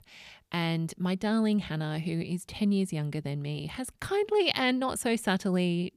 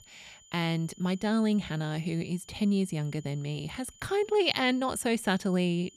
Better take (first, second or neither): first